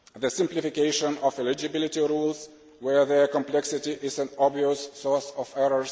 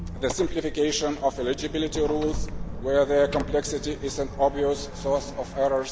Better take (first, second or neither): first